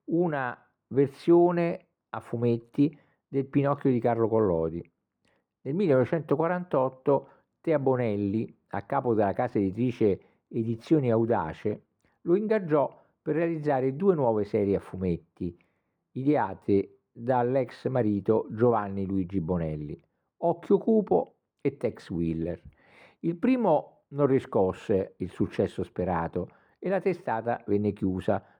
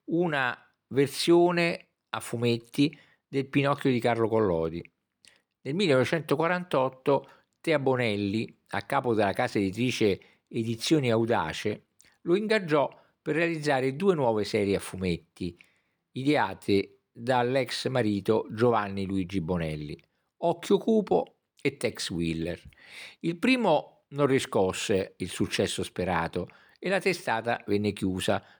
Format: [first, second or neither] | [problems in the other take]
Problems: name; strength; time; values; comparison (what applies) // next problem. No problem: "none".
second | muffled; very; fading above 2 kHz